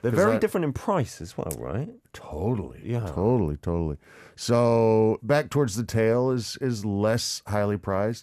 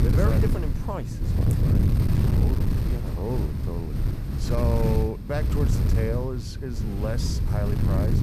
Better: first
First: none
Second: wind noise on the microphone; heavy; 2 dB below the speech

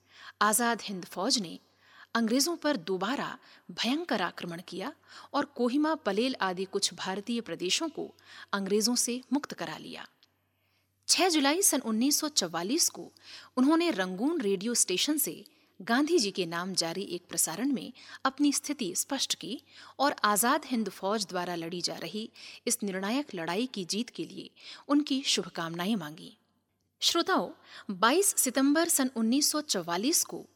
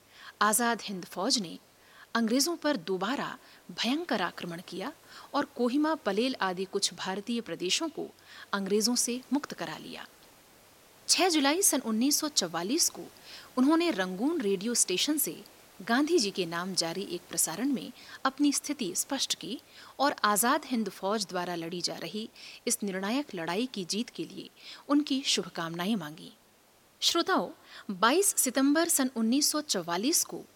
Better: first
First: none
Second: hiss; faint; throughout; 30 dB below the speech

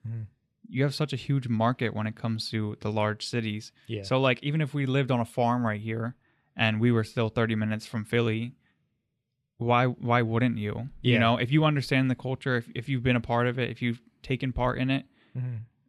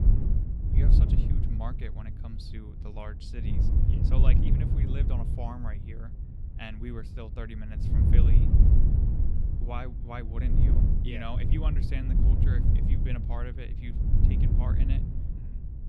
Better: first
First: none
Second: wind noise on the microphone; heavy; 2 dB above the speech

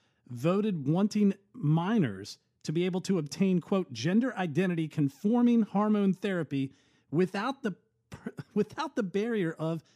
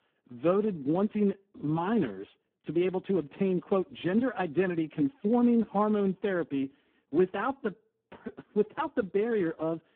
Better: first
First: none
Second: phone-call audio; poor line

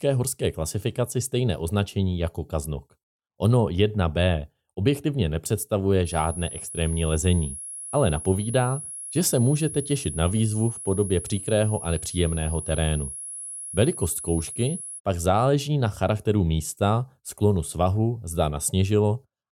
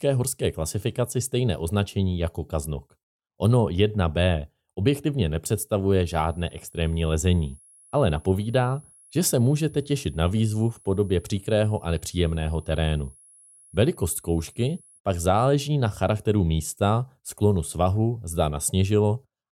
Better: second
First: high-pitched whine; loud; from 6 to 15 s; 10.5 kHz, 9 dB below the speech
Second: high-pitched whine; faint; from 6 to 15 s; 10.5 kHz, 25 dB below the speech

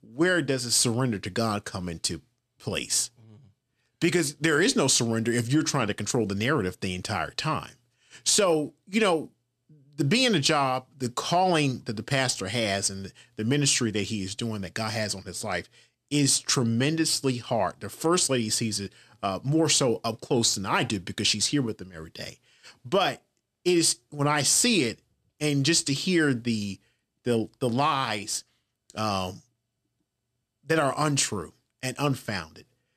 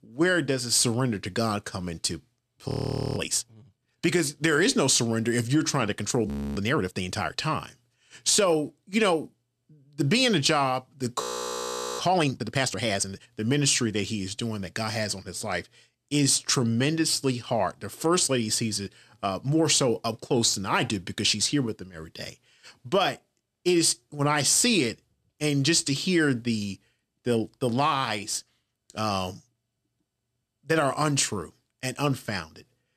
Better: first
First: none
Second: audio freezing; at 2.5 s, at 6.5 s and at 11 s for 1 s

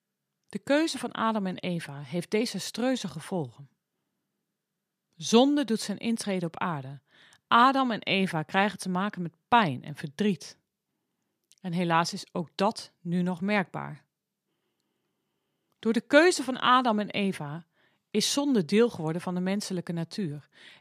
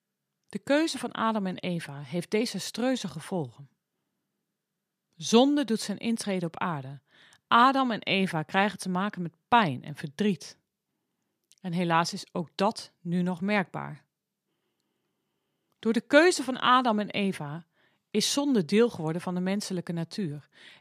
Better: neither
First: none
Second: none

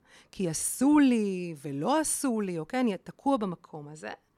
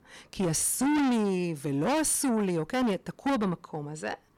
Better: first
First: none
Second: distortion; heavy; 6 dB below the speech

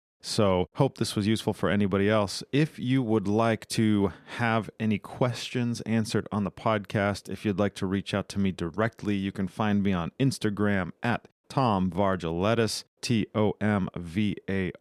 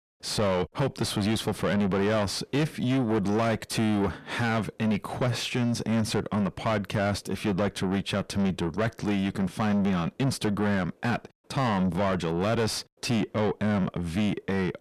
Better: first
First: none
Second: distortion; heavy; 7 dB below the speech

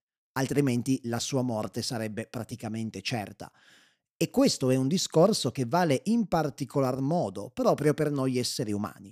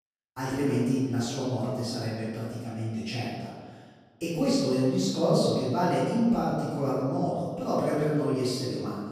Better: first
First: none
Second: off-mic speech; far // room echo; strong; dies away in 1.5 s

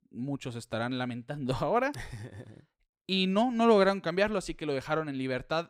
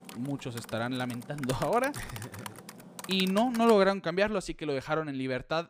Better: first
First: none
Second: keyboard typing; faint; until 3.5 s; peak 10 dB below the speech

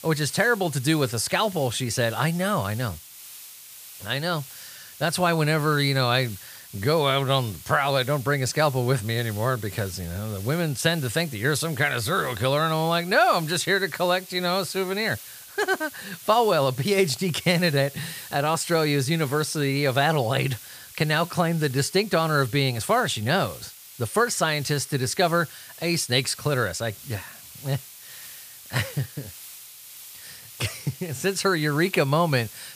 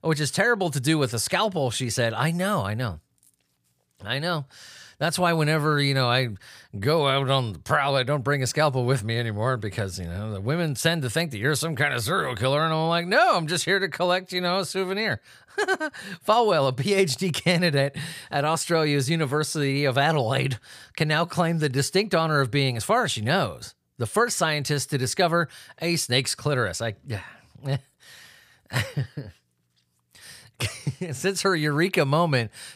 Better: second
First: hiss; noticeable; throughout; 15 dB below the speech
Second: none

